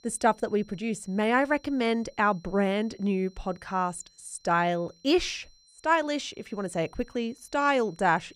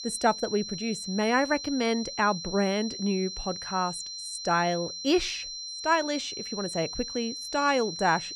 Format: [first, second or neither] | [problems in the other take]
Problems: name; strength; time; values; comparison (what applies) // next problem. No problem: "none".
first | high-pitched whine; loud; throughout; 4 kHz, 7 dB below the speech; faint in the first